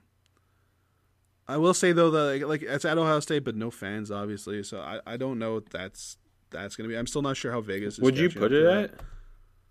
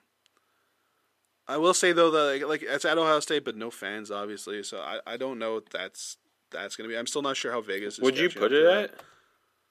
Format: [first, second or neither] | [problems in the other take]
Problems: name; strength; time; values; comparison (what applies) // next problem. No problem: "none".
first | thin; somewhat; fading below 400 Hz